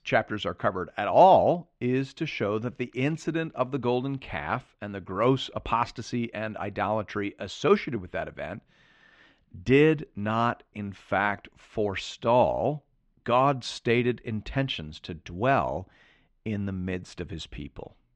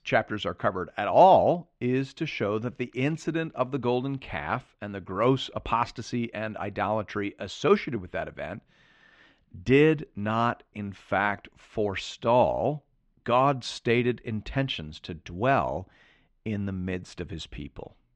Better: neither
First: muffled; slightly; fading above 4 kHz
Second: muffled; slightly; fading above 4 kHz

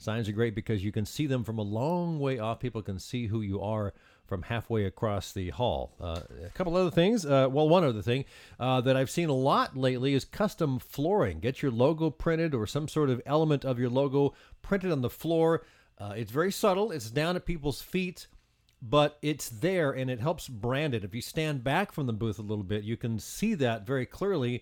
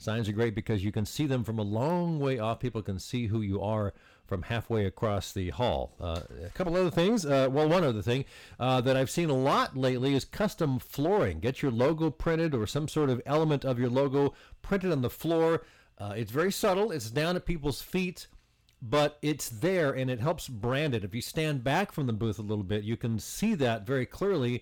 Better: first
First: none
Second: distortion; slight; 6% of the sound clipped

